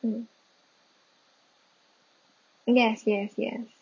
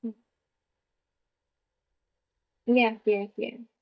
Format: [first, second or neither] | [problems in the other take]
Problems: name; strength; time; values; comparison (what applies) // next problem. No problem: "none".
first | noise reduction (neural mask model DeepFilterNet 3)